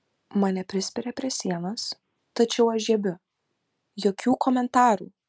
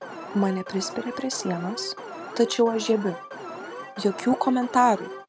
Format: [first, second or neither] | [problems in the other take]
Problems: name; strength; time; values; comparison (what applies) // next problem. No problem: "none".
first | background sound (Alarm); 12 dB below the speech